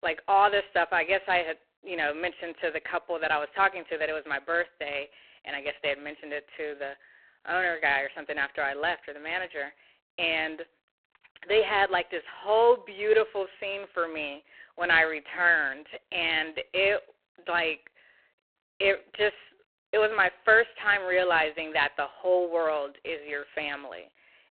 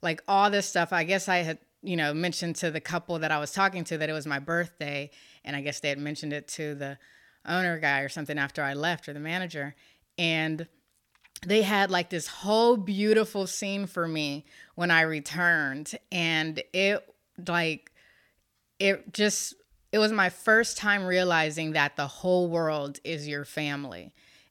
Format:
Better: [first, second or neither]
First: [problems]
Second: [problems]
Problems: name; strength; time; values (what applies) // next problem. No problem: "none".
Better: second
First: phone-call audio; poor line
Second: none